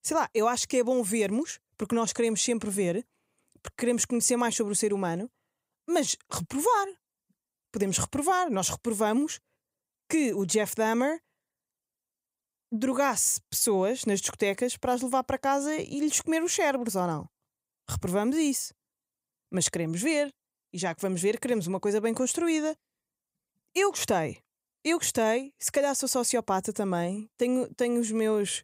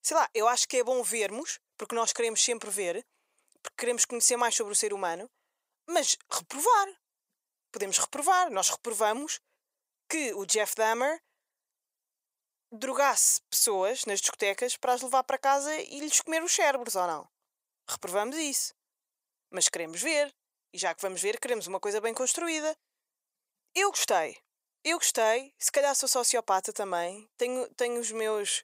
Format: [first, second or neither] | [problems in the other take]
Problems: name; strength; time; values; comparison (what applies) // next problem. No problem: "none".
first | thin; very; fading below 650 Hz